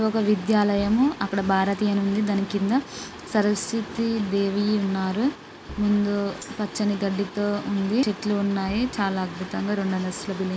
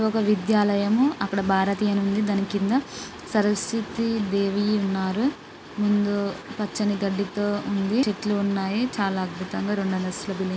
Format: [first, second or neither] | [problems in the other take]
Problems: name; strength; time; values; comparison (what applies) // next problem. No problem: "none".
second | background sound (Tambourine + Bass drum); 20 dB below the speech